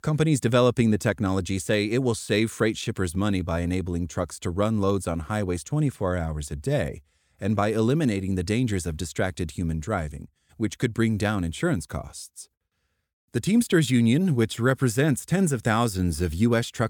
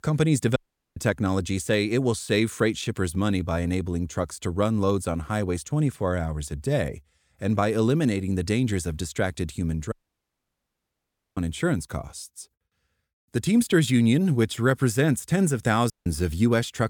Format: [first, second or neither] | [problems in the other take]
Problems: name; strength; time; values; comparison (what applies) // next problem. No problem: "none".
first | audio cutting out; at 0.5 s, at 10 s for 1.5 s and at 16 s